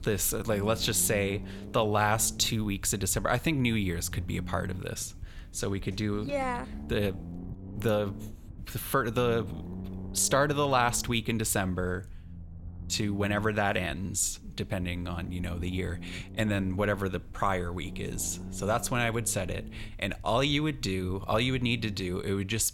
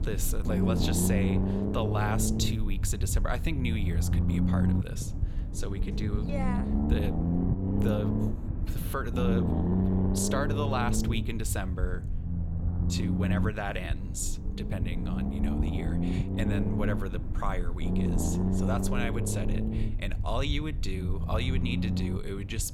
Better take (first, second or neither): first